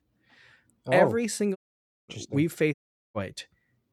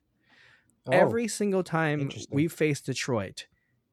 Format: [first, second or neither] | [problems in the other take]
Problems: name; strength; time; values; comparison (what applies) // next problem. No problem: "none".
second | audio cutting out; at 1.5 s for 0.5 s and at 2.5 s